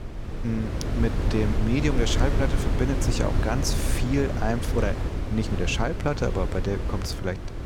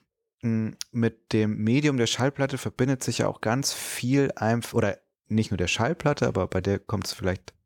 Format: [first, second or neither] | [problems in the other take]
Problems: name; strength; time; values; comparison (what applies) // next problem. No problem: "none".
second | wind noise on the microphone; heavy; 5 dB below the speech